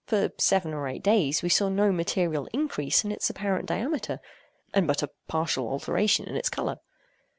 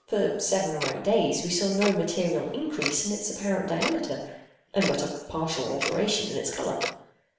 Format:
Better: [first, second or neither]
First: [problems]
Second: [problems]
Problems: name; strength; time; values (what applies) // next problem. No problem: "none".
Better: first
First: none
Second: background sound (Tick-tock); 10 dB below the speech // room echo; dies away in 0.8 s